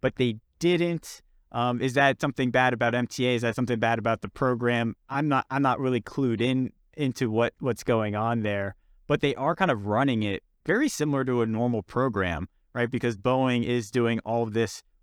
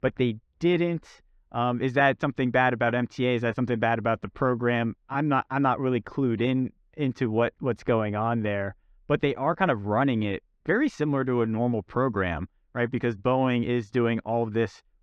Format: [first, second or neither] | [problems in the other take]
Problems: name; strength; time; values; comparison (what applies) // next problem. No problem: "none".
first | muffled; slightly; fading above 3 kHz